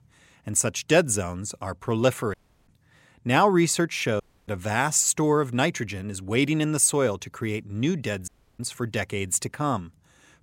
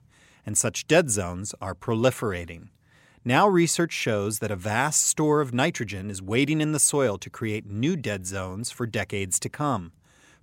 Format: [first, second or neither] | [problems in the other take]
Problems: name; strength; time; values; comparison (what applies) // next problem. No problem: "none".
second | audio cutting out; at 2.5 s, at 4 s and at 8.5 s